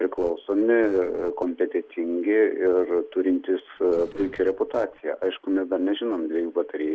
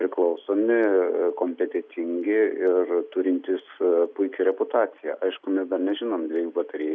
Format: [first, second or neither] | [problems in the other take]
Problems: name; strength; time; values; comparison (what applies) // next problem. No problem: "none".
second | noise reduction (neural separator model SepFormer DNS4)